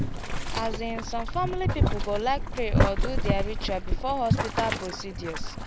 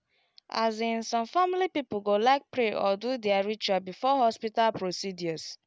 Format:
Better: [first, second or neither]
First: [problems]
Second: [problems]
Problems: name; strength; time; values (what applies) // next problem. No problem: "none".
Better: second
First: background sound (Boiling); 4 dB above the speech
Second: none